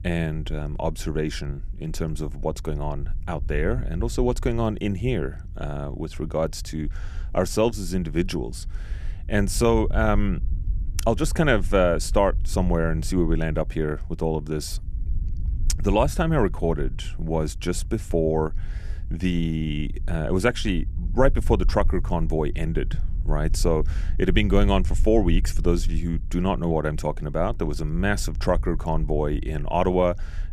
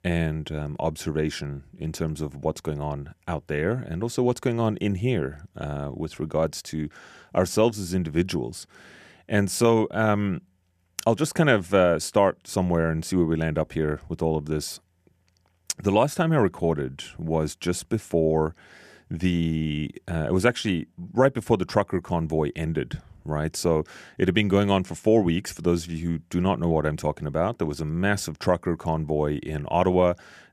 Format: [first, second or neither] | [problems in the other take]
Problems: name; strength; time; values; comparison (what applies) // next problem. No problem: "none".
second | low rumble; faint; throughout; 25 dB below the speech